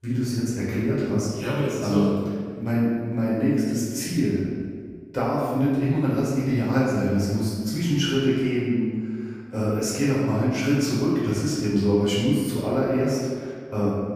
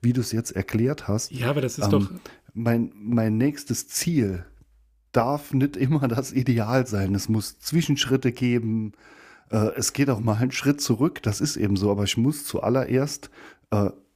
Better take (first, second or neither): second